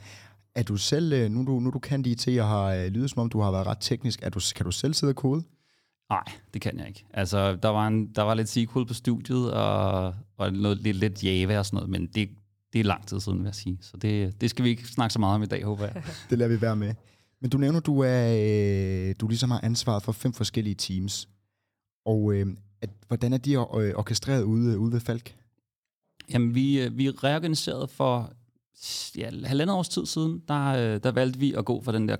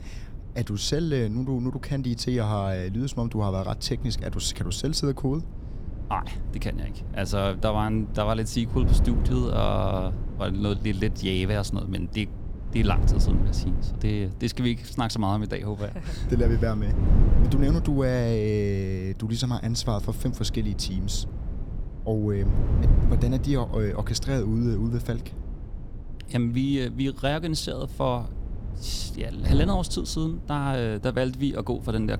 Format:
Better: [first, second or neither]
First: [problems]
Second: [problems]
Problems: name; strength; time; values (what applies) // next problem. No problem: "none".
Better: first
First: none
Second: wind noise on the microphone; occasional gusts; 15 dB below the speech